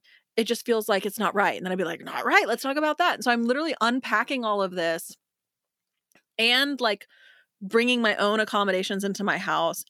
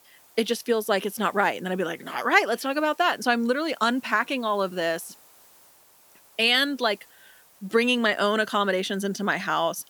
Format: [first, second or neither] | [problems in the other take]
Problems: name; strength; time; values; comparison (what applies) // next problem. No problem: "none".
first | hiss; faint; throughout; 30 dB below the speech